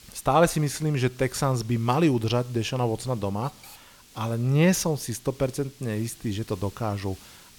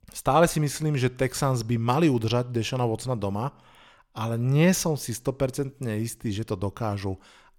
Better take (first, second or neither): second